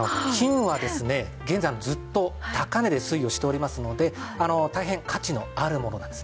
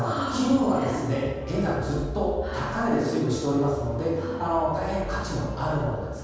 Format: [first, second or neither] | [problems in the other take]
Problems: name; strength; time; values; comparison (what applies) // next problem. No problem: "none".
first | background sound (Zipper (clothing)); 14 dB below the speech // room echo; dies away in 1.2 s